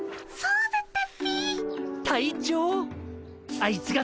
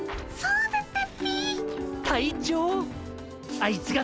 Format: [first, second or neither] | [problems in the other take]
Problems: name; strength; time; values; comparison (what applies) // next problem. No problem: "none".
first | background sound (Organ + Explosion); 12 dB below the speech